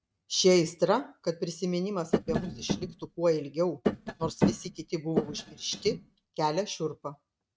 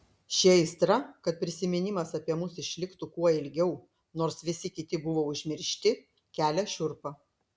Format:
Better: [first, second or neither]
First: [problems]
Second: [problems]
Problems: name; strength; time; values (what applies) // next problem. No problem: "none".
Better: second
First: noise reduction (neural mask model RNNoise)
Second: none